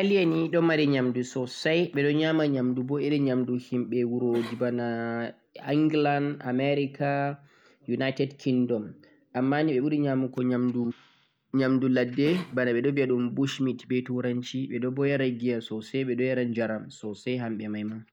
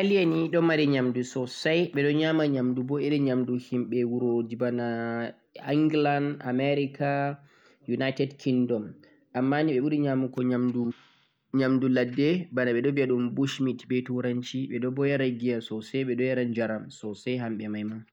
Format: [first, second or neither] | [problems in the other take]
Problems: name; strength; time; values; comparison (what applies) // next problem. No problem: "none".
second | background sound (Cough); 20 dB below the speech